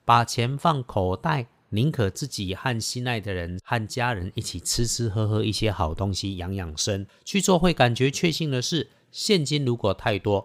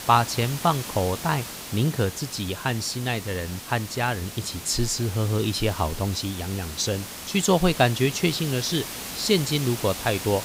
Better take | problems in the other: first | hiss; loud; throughout; 9 dB below the speech

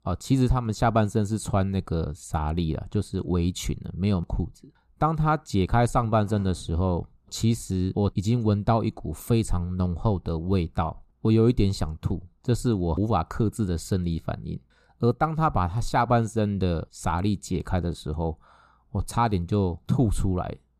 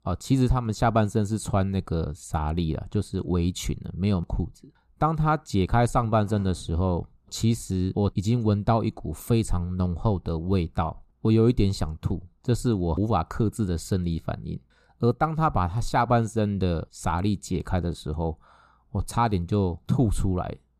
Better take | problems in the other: neither | none

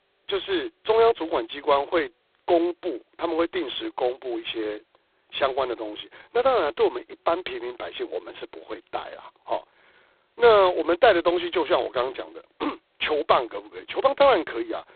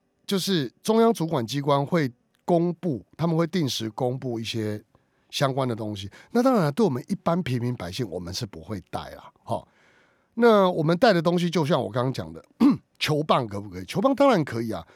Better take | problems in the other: second | phone-call audio; poor line; nothing above 4 kHz

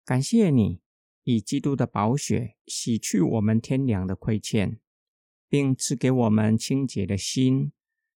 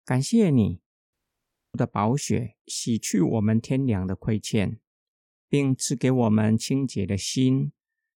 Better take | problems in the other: first | audio cutting out; at 1 s for 0.5 s

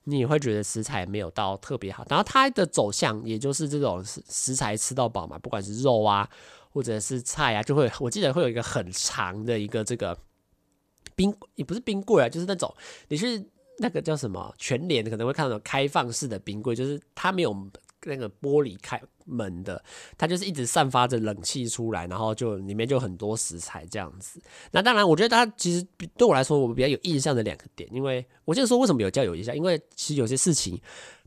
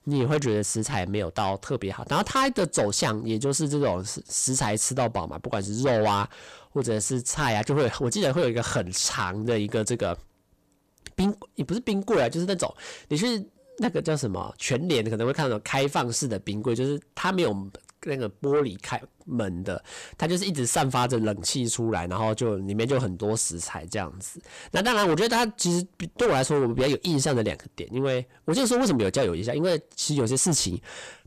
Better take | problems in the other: first | distortion; heavy; 8 dB below the speech

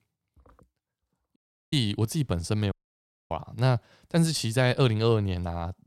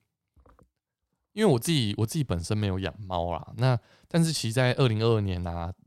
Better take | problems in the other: second | audio cutting out; at 1.5 s and at 2.5 s for 0.5 s

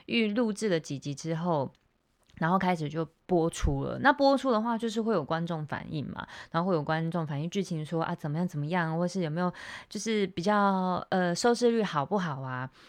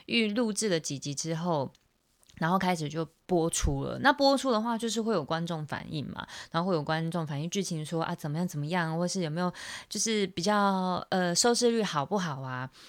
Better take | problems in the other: second | muffled; slightly; fading above 3.5 kHz

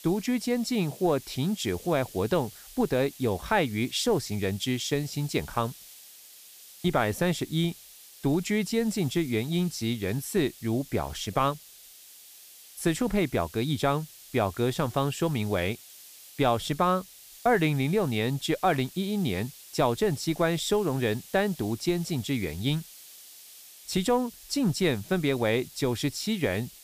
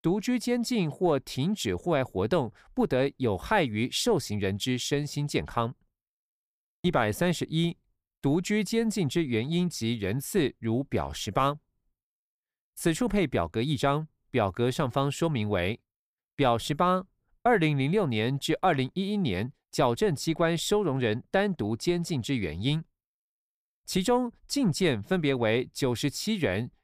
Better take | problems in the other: second | hiss; noticeable; throughout; 20 dB below the speech

